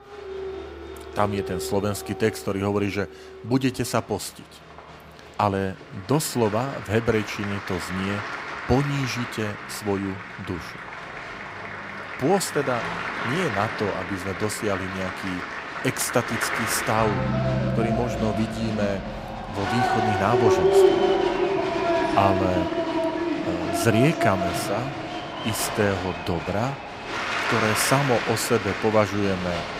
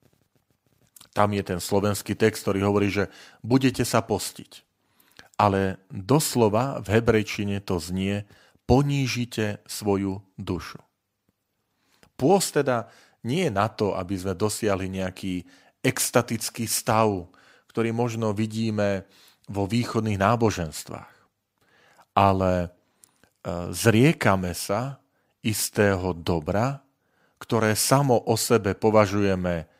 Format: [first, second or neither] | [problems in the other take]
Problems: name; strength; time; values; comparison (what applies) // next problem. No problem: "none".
second | crowd noise; loud; throughout; 1 dB below the speech